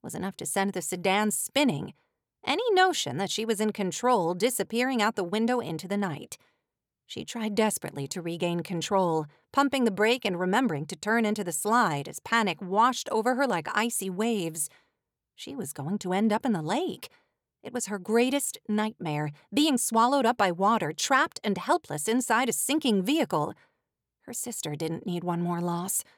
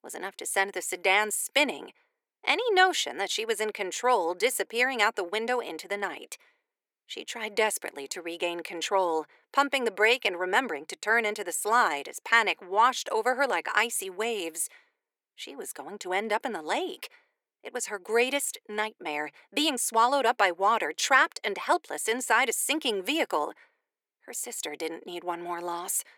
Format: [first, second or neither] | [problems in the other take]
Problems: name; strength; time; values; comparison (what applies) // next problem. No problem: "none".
first | thin; somewhat; fading below 350 Hz